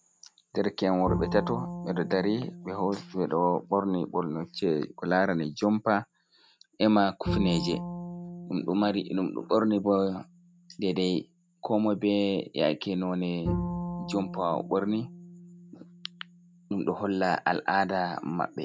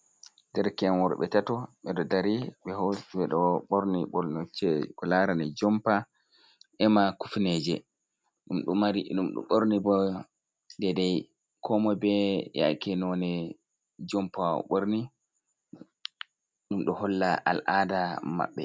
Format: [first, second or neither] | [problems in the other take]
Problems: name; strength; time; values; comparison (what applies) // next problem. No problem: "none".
second | background sound (Bowed string instrument); 10 dB below the speech